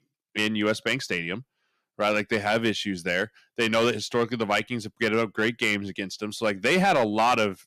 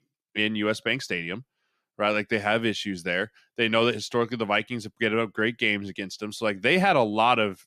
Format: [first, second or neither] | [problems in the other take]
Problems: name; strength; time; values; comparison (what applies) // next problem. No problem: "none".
second | distortion; slight; 3% of the sound clipped